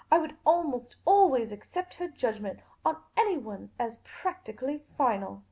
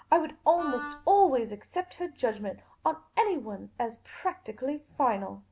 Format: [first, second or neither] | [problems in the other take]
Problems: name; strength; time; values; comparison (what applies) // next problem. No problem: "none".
first | background sound (Wind instrument, woodwind instrument); 11 dB below the speech